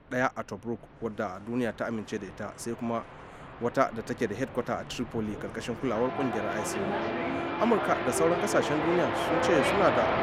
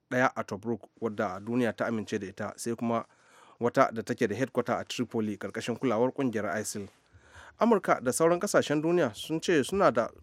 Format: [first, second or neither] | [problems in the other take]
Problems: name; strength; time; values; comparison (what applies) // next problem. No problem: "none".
second | train or aircraft noise; very loud; throughout; as loud as the speech